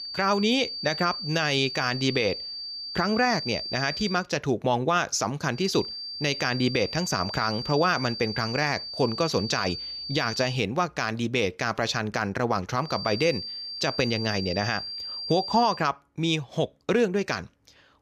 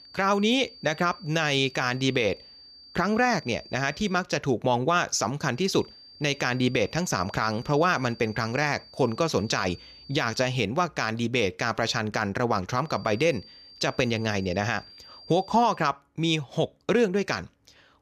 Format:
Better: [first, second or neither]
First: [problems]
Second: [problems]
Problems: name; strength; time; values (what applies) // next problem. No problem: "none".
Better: second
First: high-pitched whine; loud; until 4 s, from 5.5 to 11 s and from 13 to 16 s; 4.5 kHz, 6 dB below the speech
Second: high-pitched whine; faint; until 4 s, from 5.5 to 11 s and from 13 to 16 s; 4.5 kHz, 20 dB below the speech